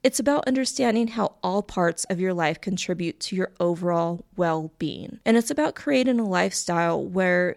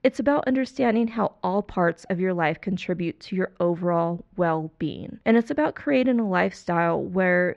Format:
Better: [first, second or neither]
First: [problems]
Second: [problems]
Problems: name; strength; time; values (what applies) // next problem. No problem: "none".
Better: first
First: none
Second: muffled; very; fading above 2 kHz